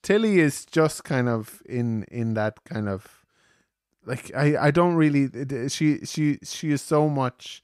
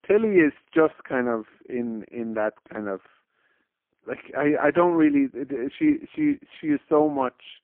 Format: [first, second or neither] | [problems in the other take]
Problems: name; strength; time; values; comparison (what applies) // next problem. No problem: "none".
first | phone-call audio; poor line; nothing above 3 kHz